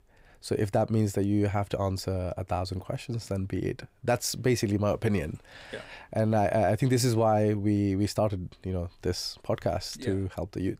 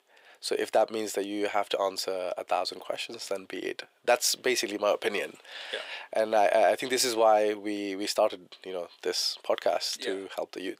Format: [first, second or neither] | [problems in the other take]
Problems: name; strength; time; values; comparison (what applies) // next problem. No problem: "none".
first | thin; very; fading below 450 Hz